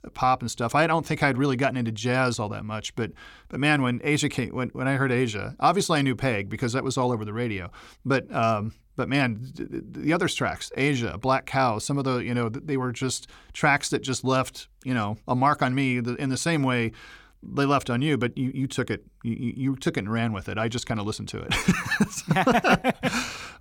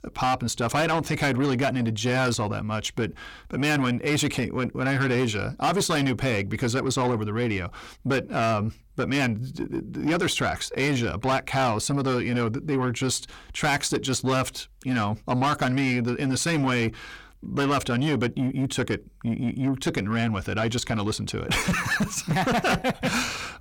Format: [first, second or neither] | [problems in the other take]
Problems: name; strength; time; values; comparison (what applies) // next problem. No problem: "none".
first | distortion; heavy; 8 dB below the speech